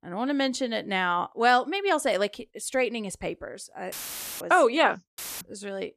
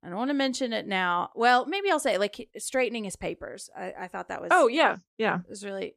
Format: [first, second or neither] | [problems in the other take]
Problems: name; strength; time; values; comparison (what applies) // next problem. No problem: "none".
second | audio cutting out; filled with static; at 4 s and at 5 s